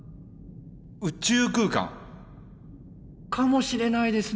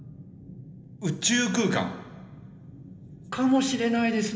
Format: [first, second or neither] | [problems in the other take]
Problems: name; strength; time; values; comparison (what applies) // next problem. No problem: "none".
first | room echo; dies away in 0.8 s